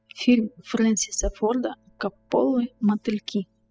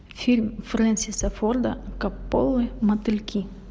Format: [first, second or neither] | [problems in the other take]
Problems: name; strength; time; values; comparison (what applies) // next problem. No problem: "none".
second | noise reduction (classical method spectral subtraction)